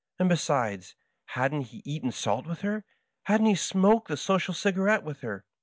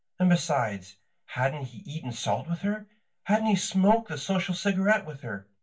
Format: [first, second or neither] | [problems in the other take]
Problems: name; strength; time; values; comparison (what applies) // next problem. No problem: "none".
first | room echo; dies away in 0.2 s